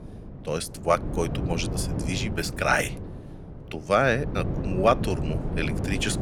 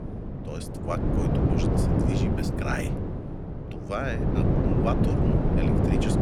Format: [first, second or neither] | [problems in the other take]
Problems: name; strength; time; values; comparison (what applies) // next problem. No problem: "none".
first | wind noise on the microphone; heavy; 4 dB above the speech; occasional gusts in the first